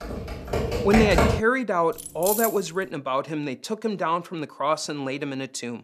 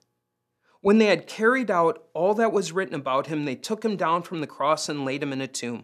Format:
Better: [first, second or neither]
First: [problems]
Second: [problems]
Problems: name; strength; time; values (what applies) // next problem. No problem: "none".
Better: second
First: keyboard typing; loud; until 1.5 s; peak 5 dB above the speech // jangling keys; noticeable; at 2 s; peak 1 dB below the speech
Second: none